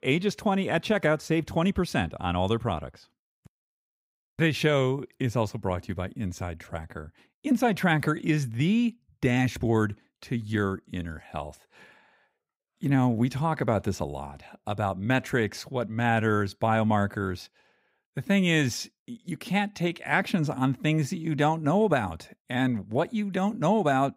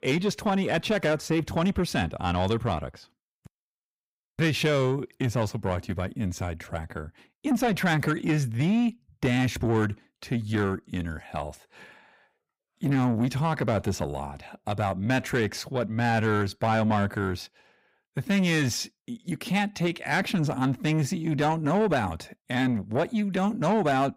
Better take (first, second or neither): first